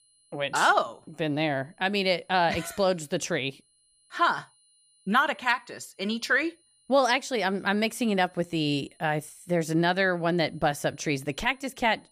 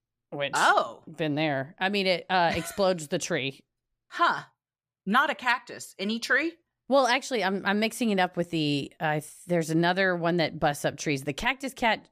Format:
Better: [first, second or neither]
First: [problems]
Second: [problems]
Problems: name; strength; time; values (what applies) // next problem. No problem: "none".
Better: second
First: high-pitched whine; faint; throughout; 10 kHz, 35 dB below the speech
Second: none